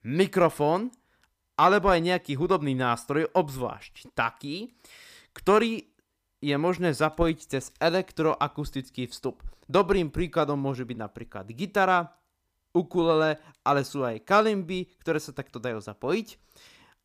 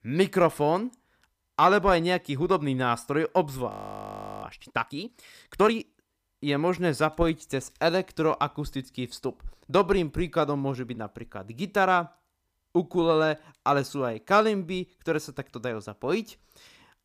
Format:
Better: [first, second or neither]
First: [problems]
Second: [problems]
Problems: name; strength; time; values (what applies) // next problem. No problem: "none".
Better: first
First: none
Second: audio freezing; at 3.5 s for 0.5 s